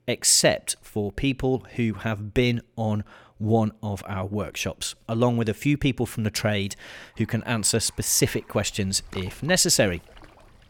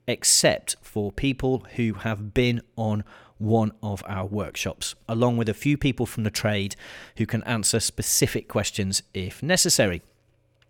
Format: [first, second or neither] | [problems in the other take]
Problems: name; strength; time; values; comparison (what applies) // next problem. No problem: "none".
second | rain or running water; faint; from 7.5 s on; 25 dB below the speech